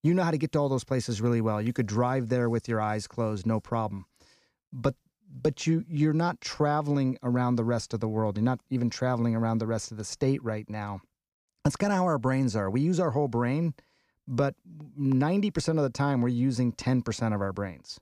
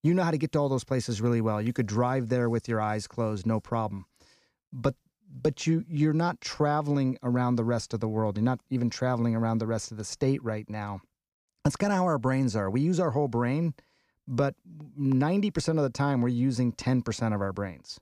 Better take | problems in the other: neither | none

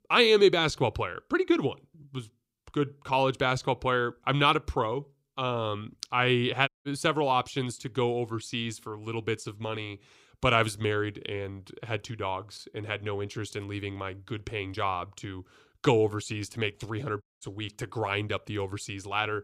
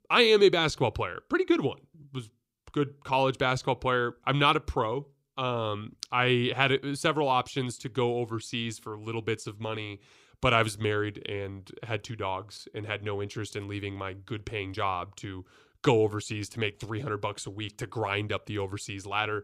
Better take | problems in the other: second | audio cutting out; at 6.5 s and at 17 s

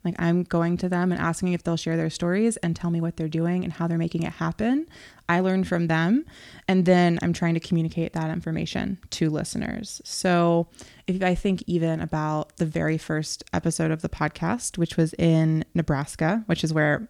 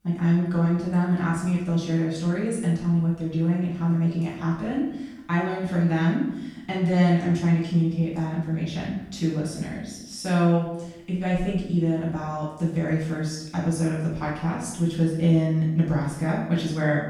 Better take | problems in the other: first | room echo; noticeable; dies away in 0.7 s // off-mic speech; far

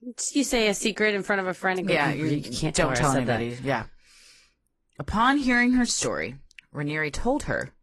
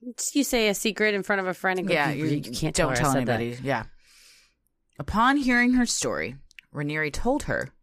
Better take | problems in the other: second | garbled, watery; slightly; nothing above 11.5 kHz

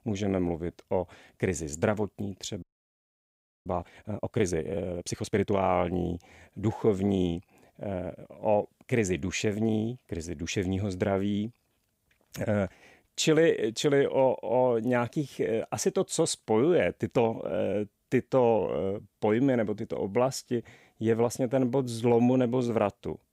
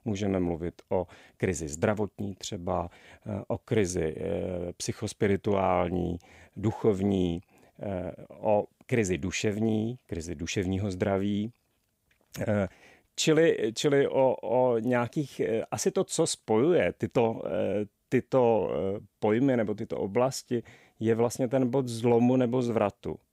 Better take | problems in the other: second | audio freezing; at 2.5 s for 1 s

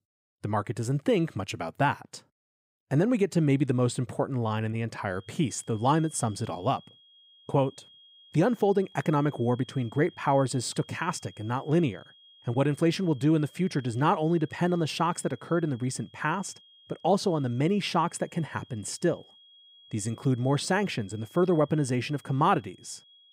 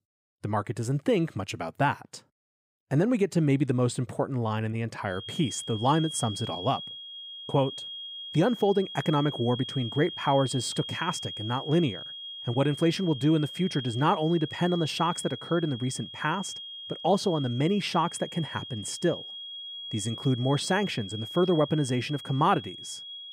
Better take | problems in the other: first | high-pitched whine; loud; from 5 s on; 3.5 kHz, 10 dB below the speech; faint in the first

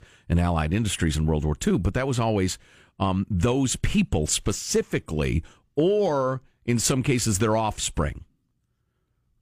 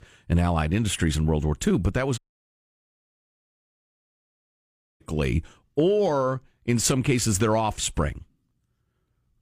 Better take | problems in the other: first | audio cutting out; at 2 s for 3 s

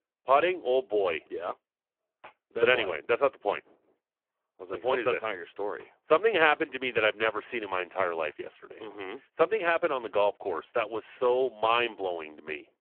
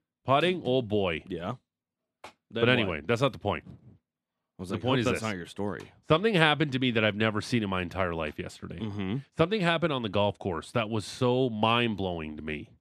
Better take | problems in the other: second | phone-call audio; poor line

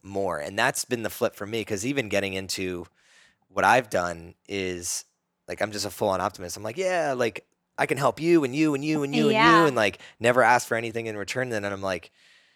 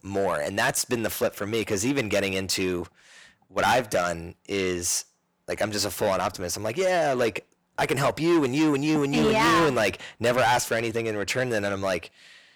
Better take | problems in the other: first | distortion; heavy; 7 dB below the speech

